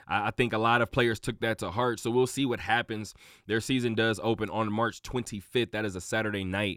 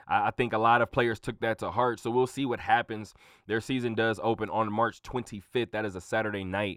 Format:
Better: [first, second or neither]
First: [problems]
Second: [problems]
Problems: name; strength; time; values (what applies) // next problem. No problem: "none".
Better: first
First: none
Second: muffled; slightly; fading above 3.5 kHz